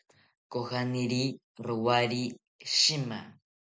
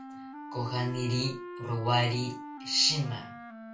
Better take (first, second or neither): first